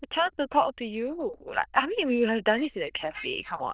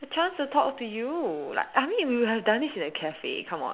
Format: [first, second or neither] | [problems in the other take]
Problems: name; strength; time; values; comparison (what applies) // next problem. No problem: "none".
second | noise reduction (neural diffusion model UNIVERSE++)